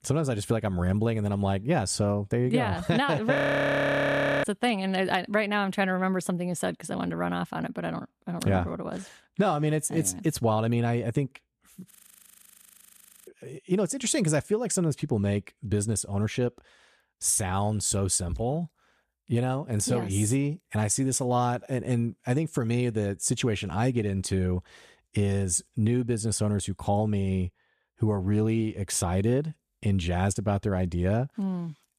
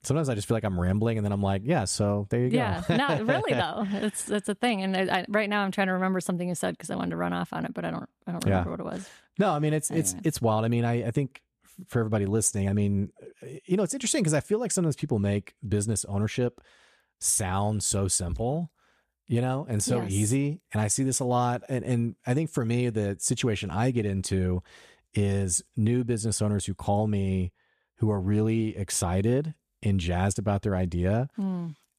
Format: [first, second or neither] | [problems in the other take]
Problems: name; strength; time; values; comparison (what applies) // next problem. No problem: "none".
second | audio freezing; at 3.5 s for 1 s and at 12 s for 1.5 s